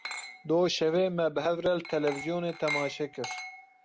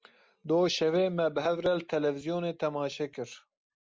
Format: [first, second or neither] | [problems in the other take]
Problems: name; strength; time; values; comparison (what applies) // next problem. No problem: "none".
second | background sound (Glass); 11 dB below the speech